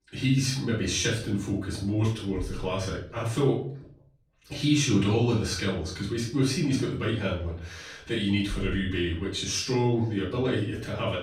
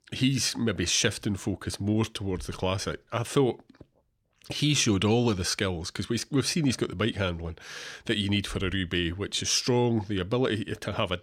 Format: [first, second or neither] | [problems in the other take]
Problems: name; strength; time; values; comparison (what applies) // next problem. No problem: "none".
second | off-mic speech; far // room echo; noticeable; dies away in 0.5 s